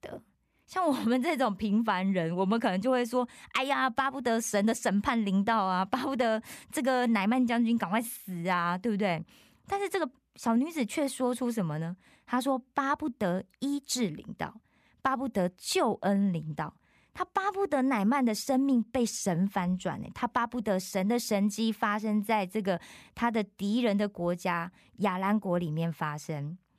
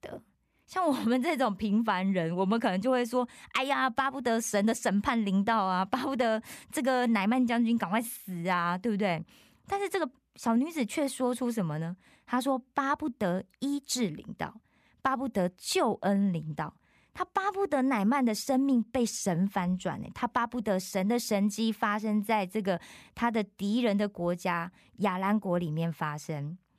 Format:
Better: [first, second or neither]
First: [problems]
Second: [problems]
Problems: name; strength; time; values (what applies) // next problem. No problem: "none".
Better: neither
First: none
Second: none